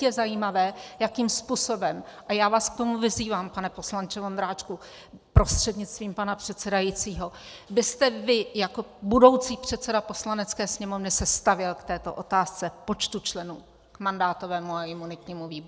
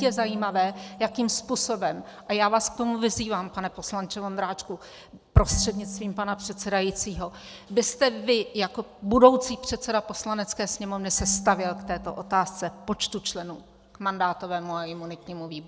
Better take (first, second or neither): first